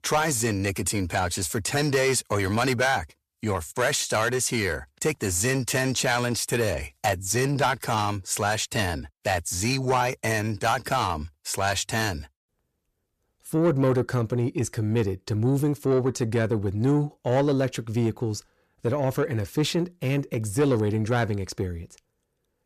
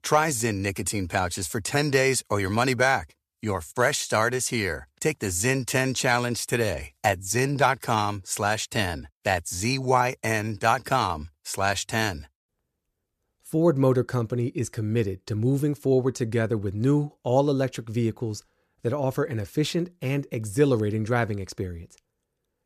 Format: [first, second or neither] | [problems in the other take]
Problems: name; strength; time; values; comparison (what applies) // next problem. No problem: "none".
second | distortion; slight; 10 dB below the speech